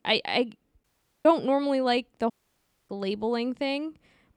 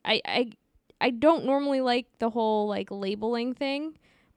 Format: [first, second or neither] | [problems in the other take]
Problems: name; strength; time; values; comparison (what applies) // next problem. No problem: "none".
second | audio cutting out; at 1 s and at 2.5 s for 0.5 s